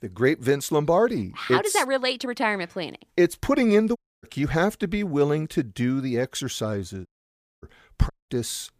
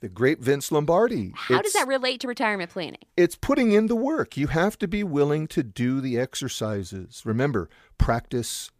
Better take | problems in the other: second | audio cutting out; at 4 s, at 7 s for 0.5 s and at 8 s

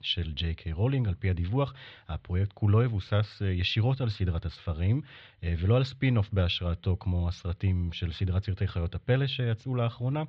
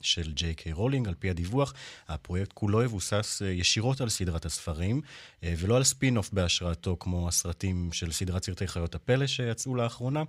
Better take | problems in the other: second | muffled; slightly; fading above 4 kHz

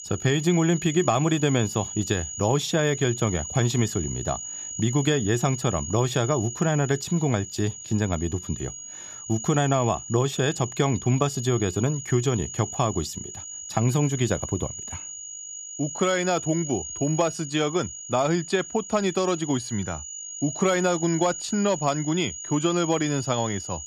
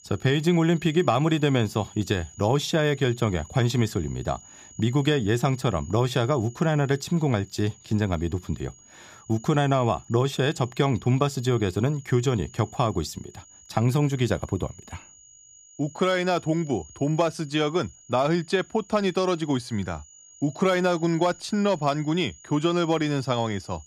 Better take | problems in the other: second | high-pitched whine; loud; throughout; 7 kHz, 9 dB below the speech; faint in the second

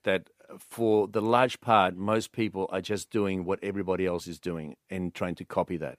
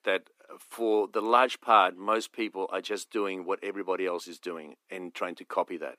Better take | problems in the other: first | thin; somewhat; fading below 250 Hz

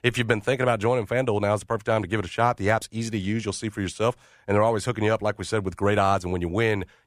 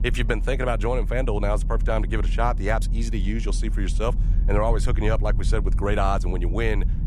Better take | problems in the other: first | low rumble; noticeable; throughout; 15 dB below the speech

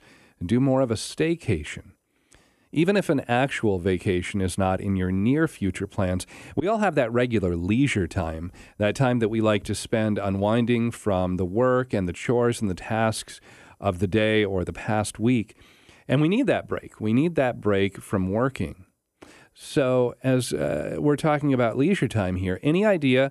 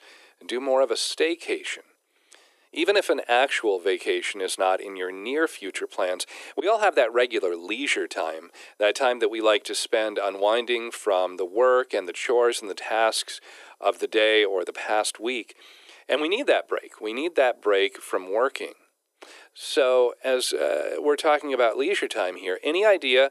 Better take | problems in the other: first | thin; very; fading below 350 Hz

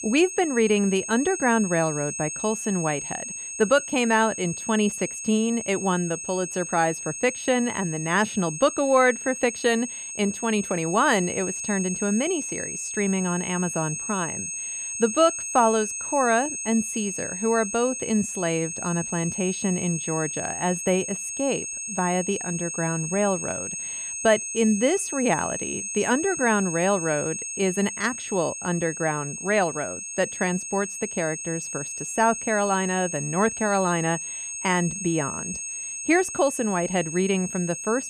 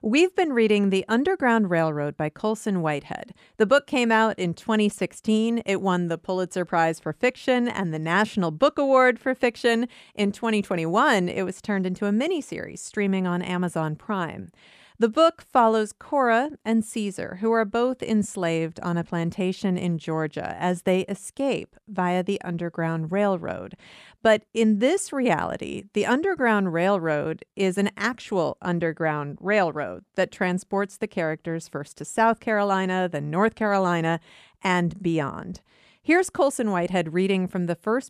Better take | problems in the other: second | high-pitched whine; loud; throughout; 6.5 kHz, 5 dB below the speech

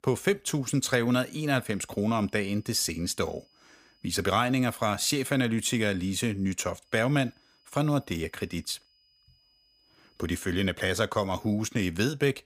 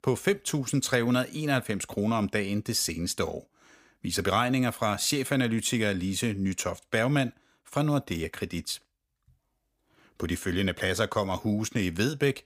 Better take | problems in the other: second | high-pitched whine; faint; from 1.5 to 5.5 s and from 7 to 10 s; 5 kHz, 35 dB below the speech

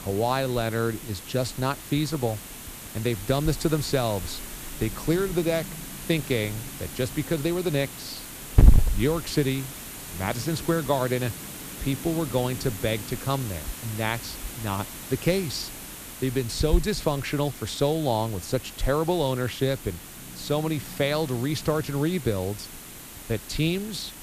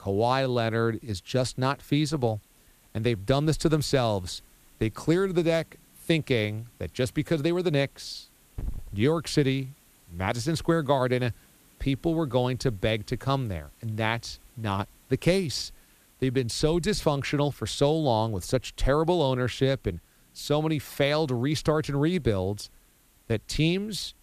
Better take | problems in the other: second | hiss; loud; throughout; 6 dB below the speech; faint in the second

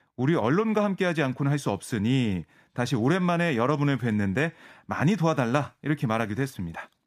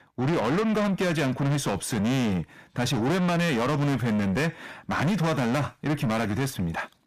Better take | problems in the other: first | distortion; heavy; 6 dB below the speech

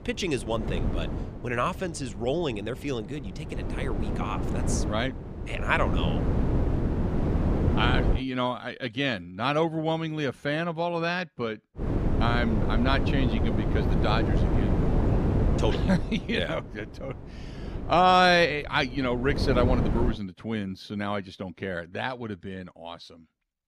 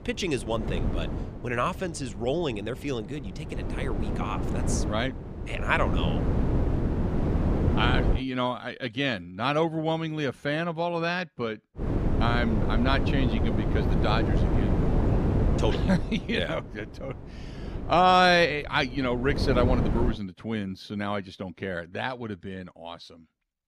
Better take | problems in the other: neither | wind noise on the microphone; heavy; until 8 s and from 12 to 20 s; 7 dB below the speech; the same in both

